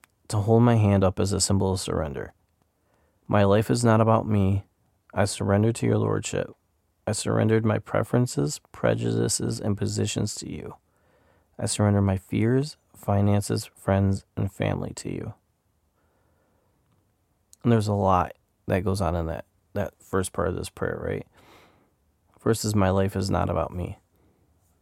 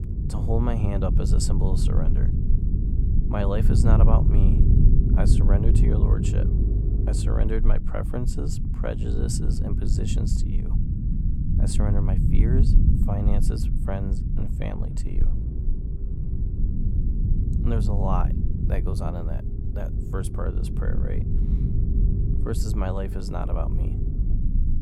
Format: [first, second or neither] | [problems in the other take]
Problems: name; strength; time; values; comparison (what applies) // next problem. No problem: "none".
first | low rumble; loud; throughout; 4 dB below the speech